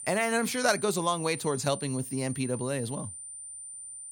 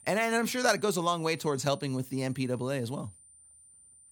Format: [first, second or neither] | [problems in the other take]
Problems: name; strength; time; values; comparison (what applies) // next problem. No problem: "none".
second | high-pitched whine; loud; throughout; 9 kHz, 9 dB below the speech; faint in the second